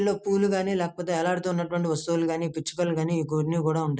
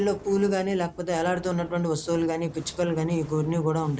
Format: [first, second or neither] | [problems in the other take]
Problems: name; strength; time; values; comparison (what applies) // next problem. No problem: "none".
first | background sound (Fire); 19 dB below the speech